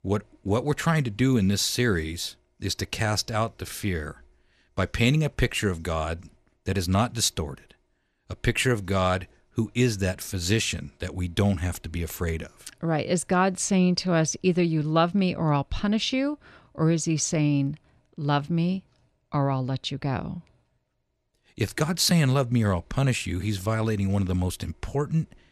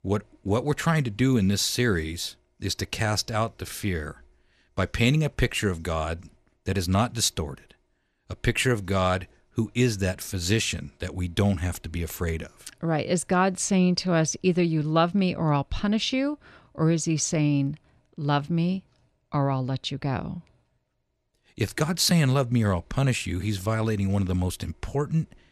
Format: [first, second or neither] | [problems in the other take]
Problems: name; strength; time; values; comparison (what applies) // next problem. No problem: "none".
neither | none